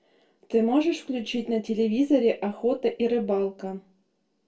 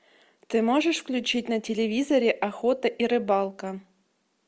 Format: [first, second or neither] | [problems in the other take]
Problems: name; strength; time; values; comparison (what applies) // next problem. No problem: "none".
second | room echo; dies away in 0.2 s